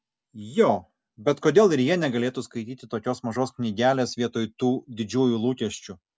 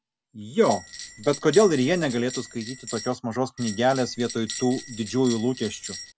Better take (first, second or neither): first